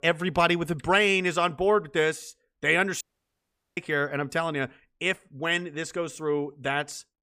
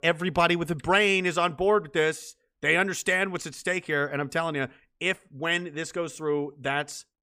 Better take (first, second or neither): second